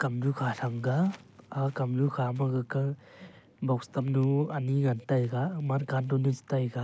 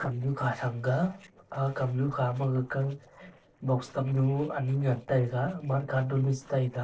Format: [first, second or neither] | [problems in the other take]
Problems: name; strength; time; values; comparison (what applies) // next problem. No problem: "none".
first | noise reduction (neural separator model SepFormer DNS4)